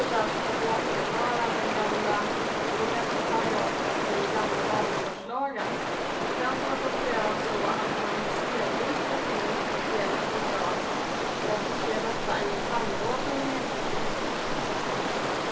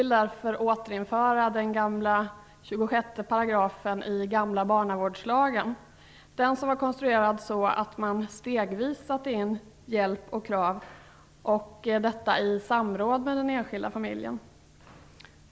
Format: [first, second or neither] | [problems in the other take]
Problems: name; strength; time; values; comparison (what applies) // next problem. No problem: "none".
second | background sound (Stream); 5 dB above the speech // room echo; dies away in 2.4 s